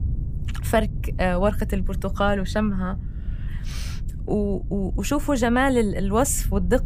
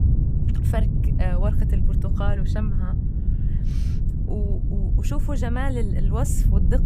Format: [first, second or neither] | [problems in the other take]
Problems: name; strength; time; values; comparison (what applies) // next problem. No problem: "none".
first | low rumble; loud; throughout; 4 dB below the speech; faint in the first